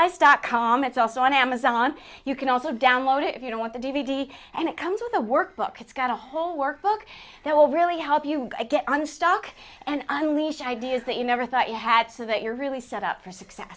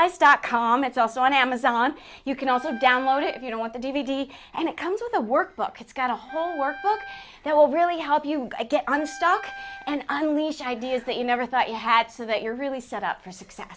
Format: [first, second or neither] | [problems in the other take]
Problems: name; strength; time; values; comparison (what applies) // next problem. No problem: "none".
first | background sound (Wind instrument, woodwind instrument); 17 dB below the speech